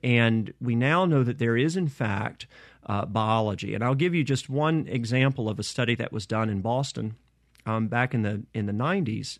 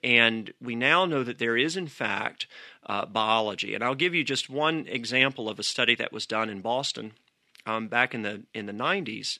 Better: first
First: none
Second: thin; somewhat; fading below 300 Hz

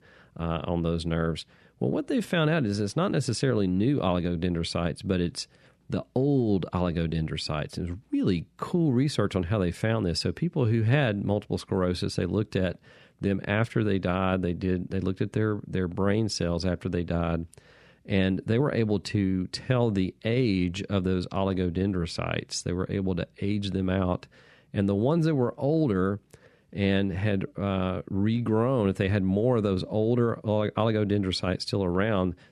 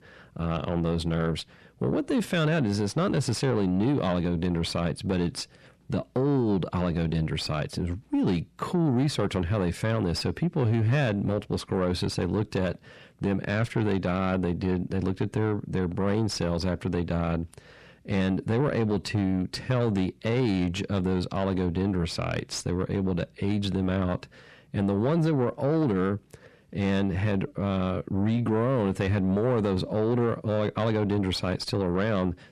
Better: first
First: none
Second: distortion; slight; 10 dB below the speech

